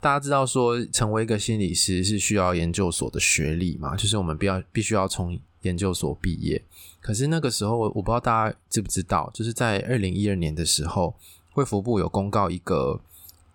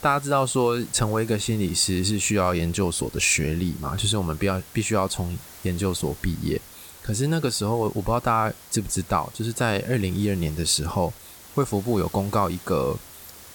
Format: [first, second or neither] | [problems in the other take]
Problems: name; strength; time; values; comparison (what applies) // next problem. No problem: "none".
first | hiss; noticeable; throughout; 20 dB below the speech